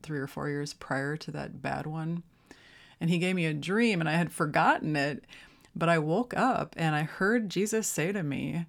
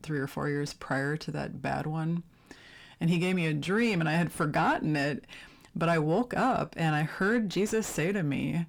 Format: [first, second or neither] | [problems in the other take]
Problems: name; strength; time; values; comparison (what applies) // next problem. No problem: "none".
first | distortion; slight; 10 dB below the speech